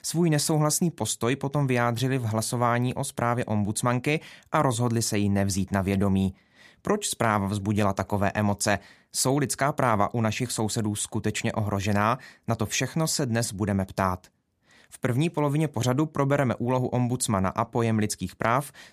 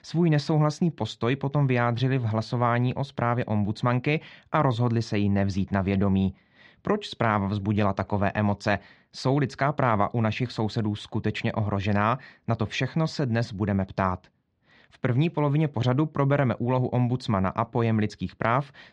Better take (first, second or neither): first